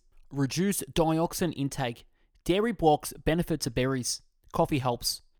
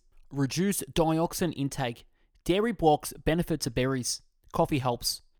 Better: neither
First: none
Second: none

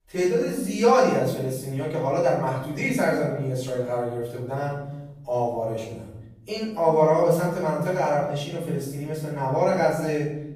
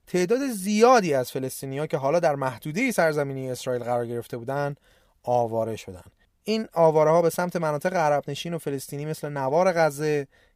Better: second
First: off-mic speech; far // room echo; noticeable; dies away in 1 s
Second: none

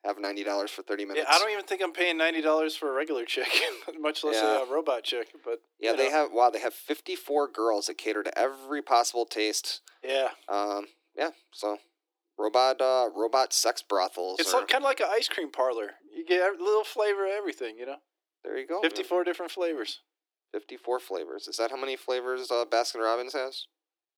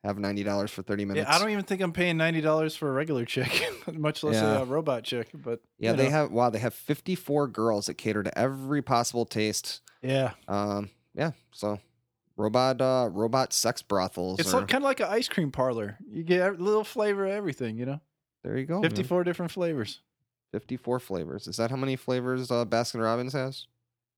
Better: second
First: thin; very; fading below 300 Hz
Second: none

